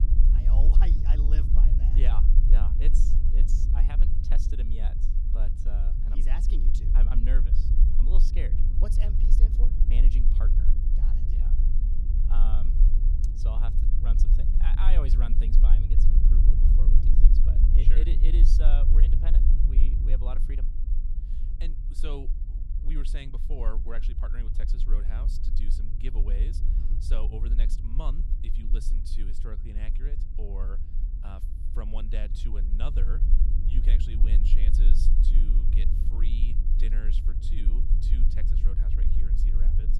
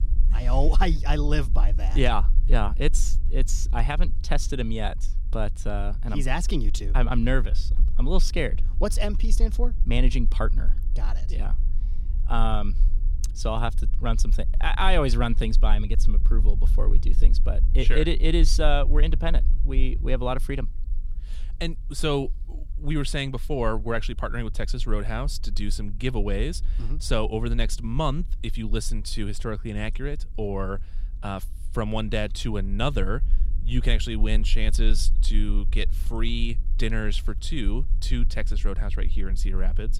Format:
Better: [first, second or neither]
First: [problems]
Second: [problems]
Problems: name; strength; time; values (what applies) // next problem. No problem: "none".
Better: second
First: low rumble; loud; throughout; 2 dB below the speech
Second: low rumble; faint; throughout; 20 dB below the speech